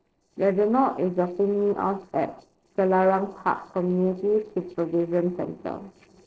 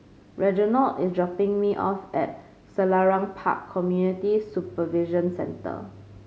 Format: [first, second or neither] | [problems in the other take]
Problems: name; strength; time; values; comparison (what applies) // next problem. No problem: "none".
second | noise reduction (neural separator model SepFormer DNS4)